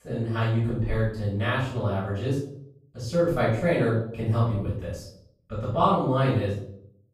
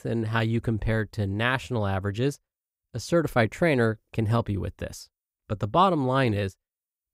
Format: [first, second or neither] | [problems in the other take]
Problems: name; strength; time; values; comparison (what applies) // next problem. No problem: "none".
second | off-mic speech; far // room echo; noticeable; dies away in 0.6 s